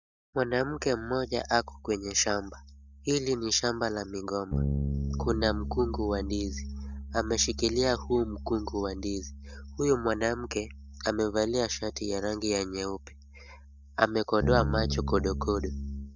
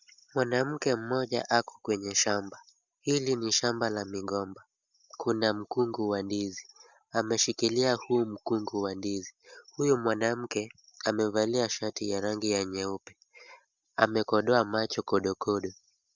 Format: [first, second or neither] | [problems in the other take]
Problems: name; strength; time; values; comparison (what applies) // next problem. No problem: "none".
second | noise reduction (neural mask model DeepFilterNet 3)